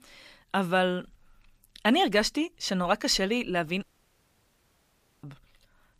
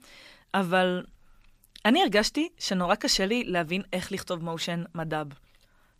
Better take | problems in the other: second | audio cutting out; at 4 s for 1.5 s

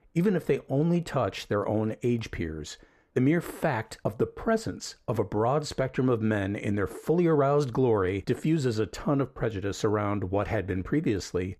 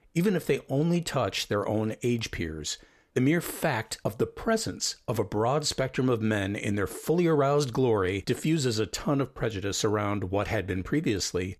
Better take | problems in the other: second | muffled; slightly; fading above 2.5 kHz

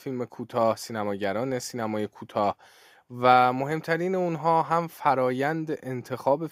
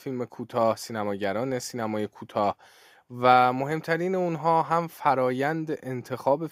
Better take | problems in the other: neither | none

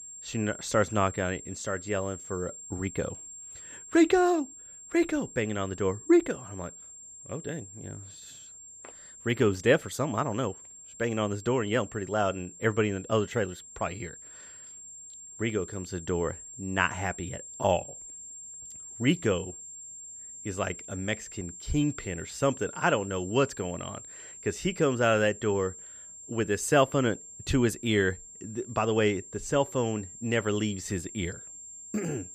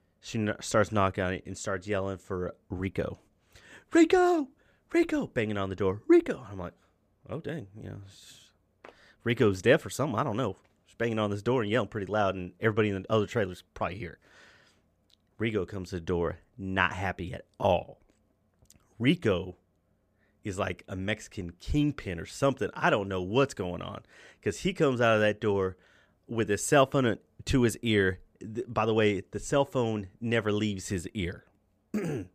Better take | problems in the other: second | high-pitched whine; noticeable; throughout; 7.5 kHz, 15 dB below the speech

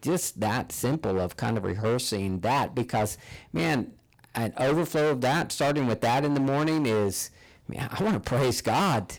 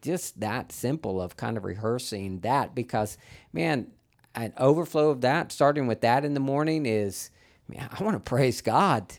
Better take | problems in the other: second | distortion; heavy; 19% of the sound clipped

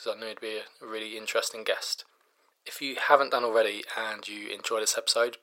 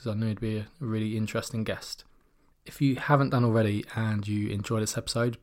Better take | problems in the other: second | thin; very; fading below 500 Hz

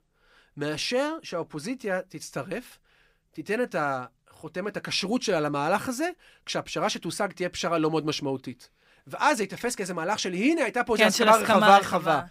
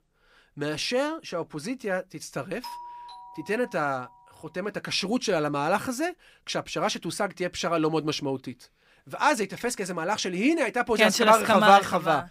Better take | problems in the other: first | doorbell; faint; from 2.5 to 4 s; peak 15 dB below the speech

